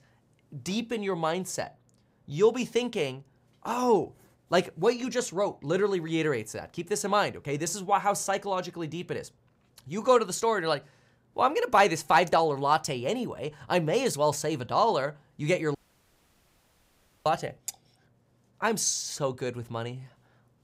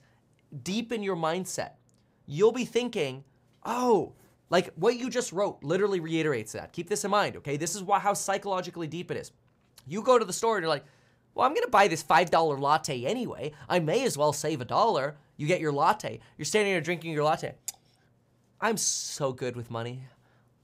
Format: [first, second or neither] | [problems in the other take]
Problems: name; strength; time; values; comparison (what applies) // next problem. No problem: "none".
second | audio cutting out; at 16 s for 1.5 s